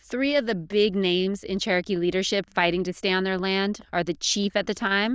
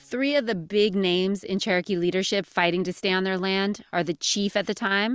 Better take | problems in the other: second | noise reduction (neural diffusion model UNIVERSE++)

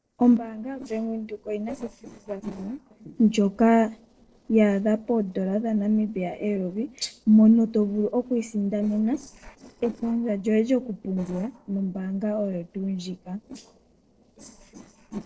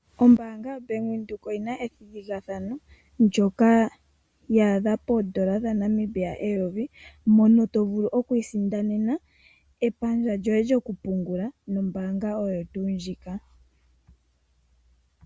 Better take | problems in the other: second | noise reduction (neural separator model SepFormer DNS4)

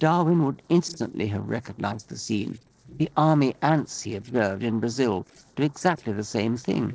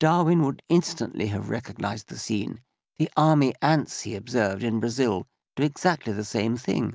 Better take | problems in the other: second | noise reduction (neural separator model SepFormer DNS4)

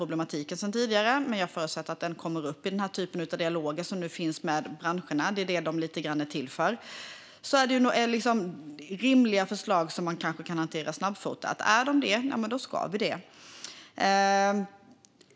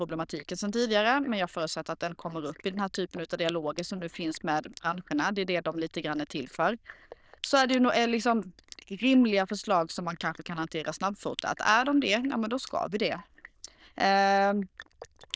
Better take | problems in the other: first | noise reduction (neural diffusion model UNIVERSE++)

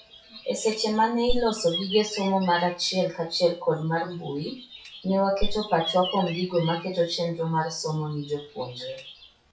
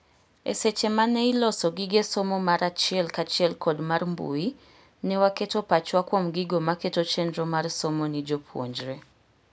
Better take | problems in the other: second | noise reduction (classical method WPE with log-MMSE)

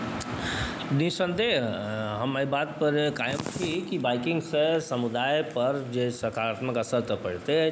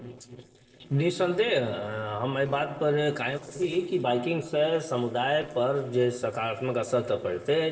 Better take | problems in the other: first | noise reduction (neural separator model SepFormer DNS4)

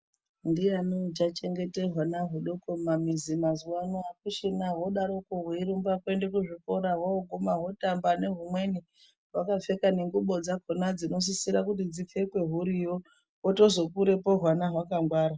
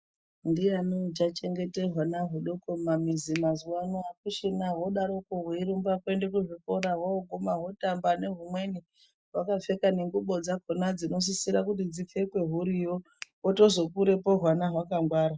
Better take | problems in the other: first | noise reduction (neural mask model DeepFilterNet 3)

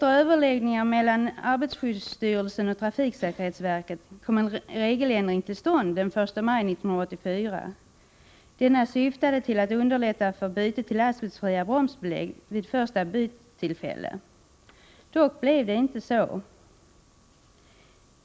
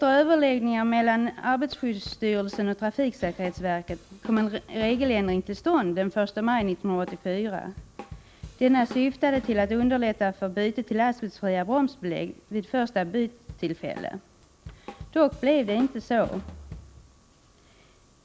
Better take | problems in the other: first | background sound (Drum / Drum kit); 17 dB below the speech

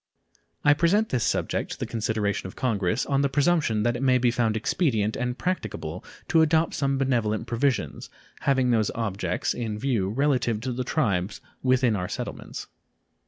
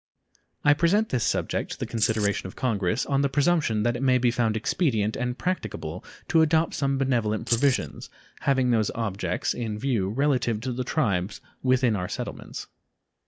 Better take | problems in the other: first | noise reduction (neural mask model Resemble Enhance denoiser)

